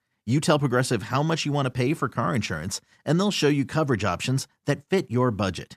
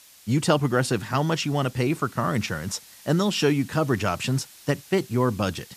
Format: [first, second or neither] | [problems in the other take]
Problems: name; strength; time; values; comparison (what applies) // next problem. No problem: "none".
first | hiss; faint; throughout; 20 dB below the speech